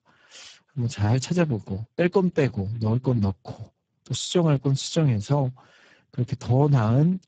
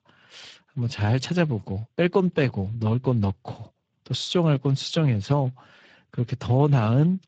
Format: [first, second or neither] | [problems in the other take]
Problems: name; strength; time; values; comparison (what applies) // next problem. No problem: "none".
second | garbled, watery; badly; nothing above 8 kHz; slightly in the second